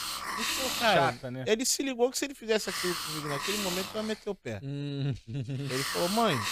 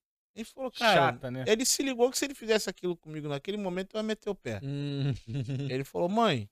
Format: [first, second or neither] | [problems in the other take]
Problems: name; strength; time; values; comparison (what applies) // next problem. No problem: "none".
second | hiss; loud; throughout; 2 dB below the speech